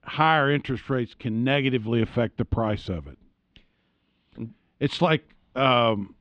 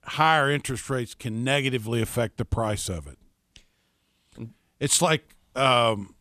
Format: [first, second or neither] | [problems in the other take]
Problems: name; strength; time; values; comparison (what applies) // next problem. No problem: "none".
second | muffled; very; fading above 3.5 kHz